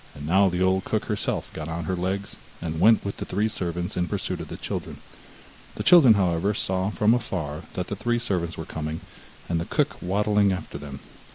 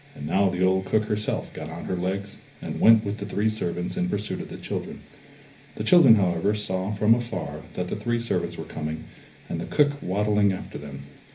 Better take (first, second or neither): first